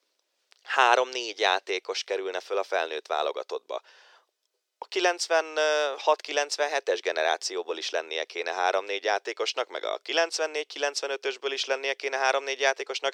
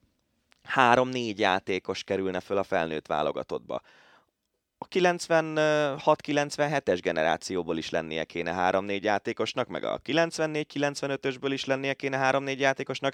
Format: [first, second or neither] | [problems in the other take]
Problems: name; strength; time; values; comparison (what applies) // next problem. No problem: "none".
second | thin; very; fading below 400 Hz